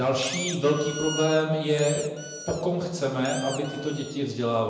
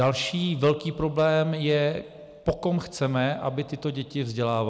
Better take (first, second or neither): second